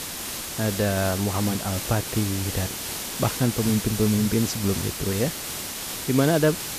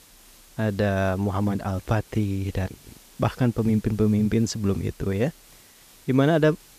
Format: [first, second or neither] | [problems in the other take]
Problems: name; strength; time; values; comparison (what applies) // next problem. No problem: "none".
second | hiss; loud; throughout; 5 dB below the speech; faint in the second